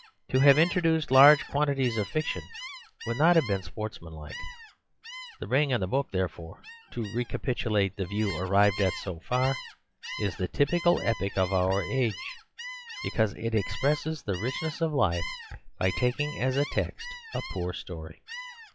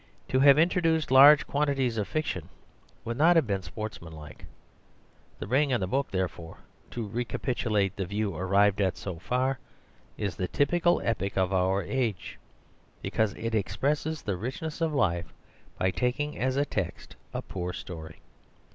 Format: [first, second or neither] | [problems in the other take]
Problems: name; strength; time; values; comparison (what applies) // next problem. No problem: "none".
second | noise reduction (classical method log-MMSE)